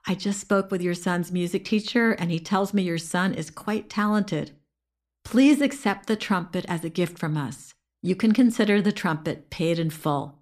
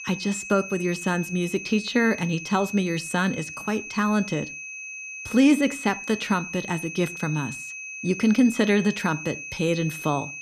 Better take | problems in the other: first | high-pitched whine; loud; throughout; 2.5 kHz, 10 dB below the speech

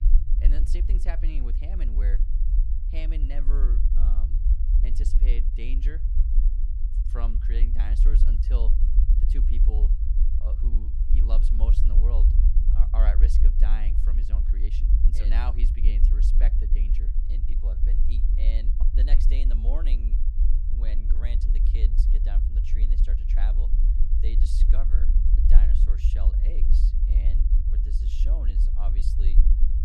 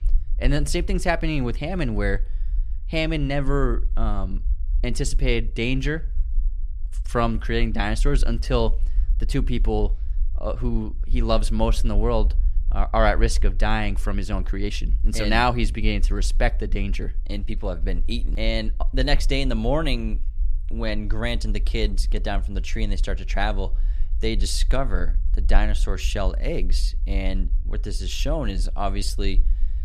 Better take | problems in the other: second | low rumble; loud; throughout; 3 dB below the speech; faint in the second

